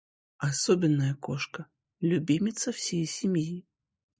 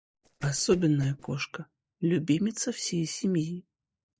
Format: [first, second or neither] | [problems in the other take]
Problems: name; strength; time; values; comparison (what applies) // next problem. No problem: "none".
first | noise reduction (neural separator model SepFormer DNS4)